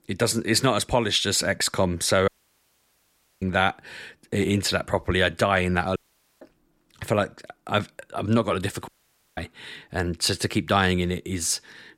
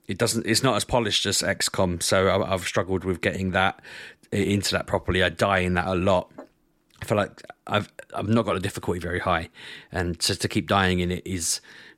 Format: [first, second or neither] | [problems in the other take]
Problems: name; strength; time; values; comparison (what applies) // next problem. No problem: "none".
second | audio cutting out; at 2.5 s for 1 s, at 6 s and at 9 s